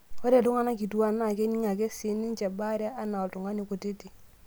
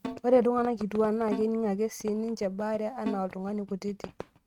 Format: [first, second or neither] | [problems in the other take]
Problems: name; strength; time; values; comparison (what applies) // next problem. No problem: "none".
first | noise reduction (neural mask model RNNoise)